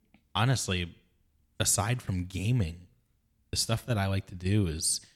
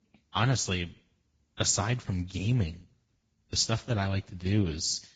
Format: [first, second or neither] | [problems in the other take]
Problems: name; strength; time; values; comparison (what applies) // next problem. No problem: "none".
first | garbled, watery; badly; nothing above 7.5 kHz